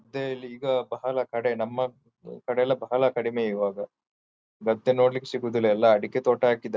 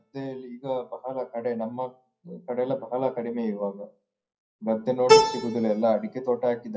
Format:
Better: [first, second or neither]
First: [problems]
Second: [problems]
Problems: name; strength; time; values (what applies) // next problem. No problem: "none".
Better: first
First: none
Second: noise reduction (classical method WPE with log-MMSE)